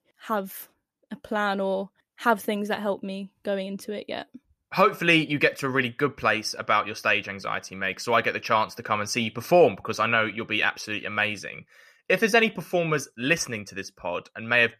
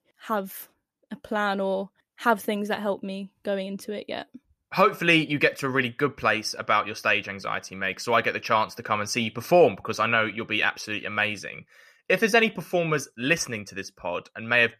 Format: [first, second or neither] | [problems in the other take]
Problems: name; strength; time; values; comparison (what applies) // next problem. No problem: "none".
neither | none